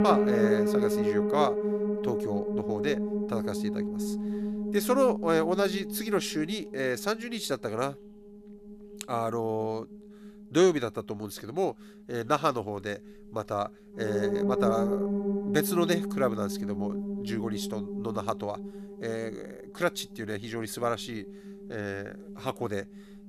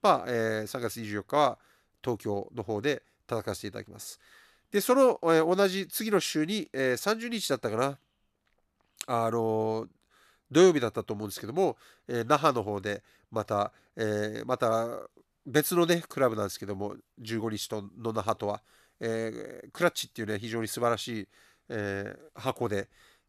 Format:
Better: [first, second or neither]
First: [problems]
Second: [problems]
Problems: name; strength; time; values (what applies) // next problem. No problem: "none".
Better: second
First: background music; very loud; throughout; as loud as the speech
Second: none